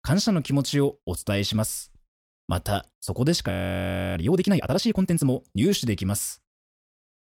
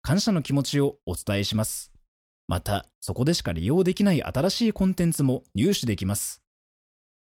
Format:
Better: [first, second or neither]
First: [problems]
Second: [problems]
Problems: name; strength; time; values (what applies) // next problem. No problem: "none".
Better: second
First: audio freezing; at 3.5 s for 0.5 s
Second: none